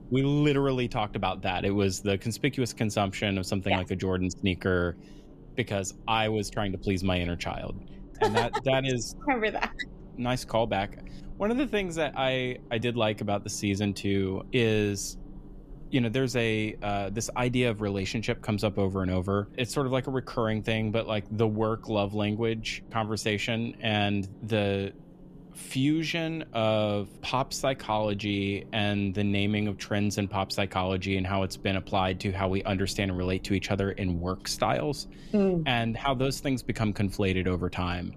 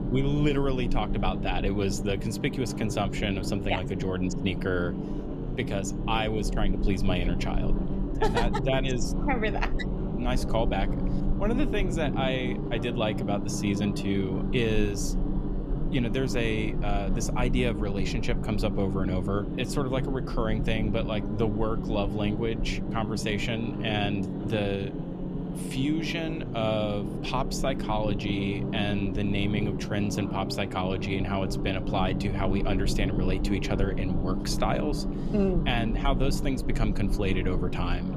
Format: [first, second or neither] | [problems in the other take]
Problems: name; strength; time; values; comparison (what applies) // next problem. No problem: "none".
first | low rumble; loud; throughout; 7 dB below the speech; faint in the first